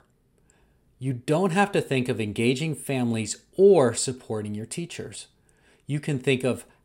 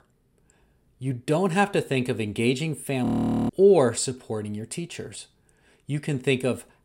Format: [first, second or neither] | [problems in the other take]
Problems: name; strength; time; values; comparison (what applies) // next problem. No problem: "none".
first | audio freezing; at 3 s